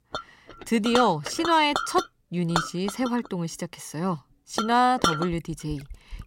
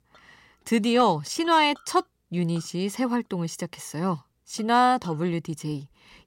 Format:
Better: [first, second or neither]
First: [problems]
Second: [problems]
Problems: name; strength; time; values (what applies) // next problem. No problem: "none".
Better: second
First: household noises; loud; throughout; 5 dB below the speech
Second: household noises; faint; throughout; 30 dB below the speech